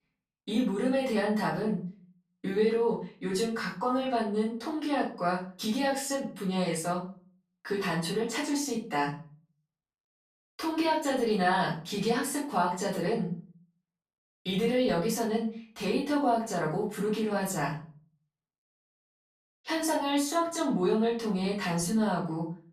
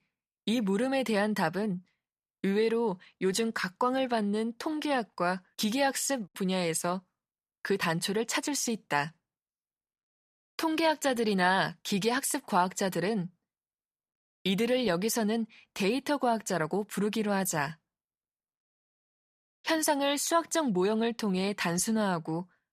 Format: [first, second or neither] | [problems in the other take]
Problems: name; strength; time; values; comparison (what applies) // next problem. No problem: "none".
second | off-mic speech; far // room echo; noticeable; dies away in 0.4 s